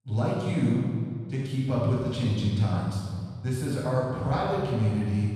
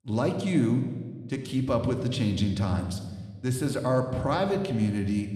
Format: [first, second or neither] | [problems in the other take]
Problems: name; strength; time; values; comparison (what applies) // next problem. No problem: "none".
second | room echo; strong; dies away in 1.8 s; slight in the second // off-mic speech; far